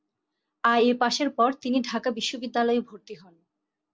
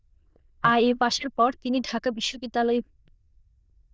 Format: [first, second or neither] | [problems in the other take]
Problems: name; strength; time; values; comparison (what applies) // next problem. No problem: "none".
first | noise reduction (neural diffusion model UNIVERSE++)